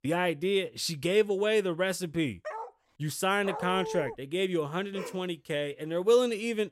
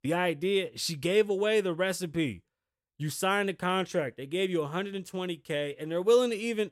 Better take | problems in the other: second | dog barking; faint; at 2.5 s and at 5 s; peak 10 dB below the speech // dog barking; noticeable; at 3.5 s; peak 7 dB below the speech

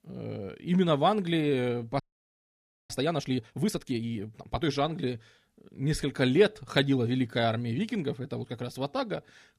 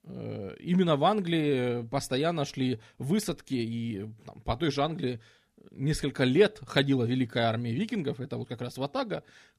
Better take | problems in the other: second | audio freezing; at 2 s for 1 s

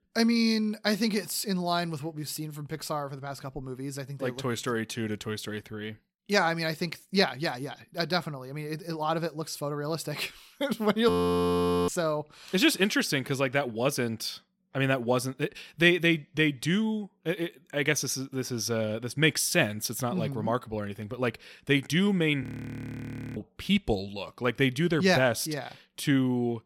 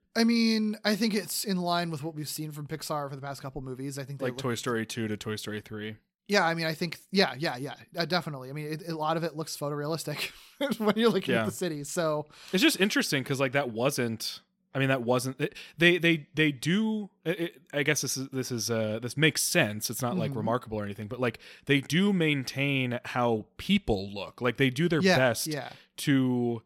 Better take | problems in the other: second | audio freezing; at 11 s for 1 s and at 22 s for 1 s

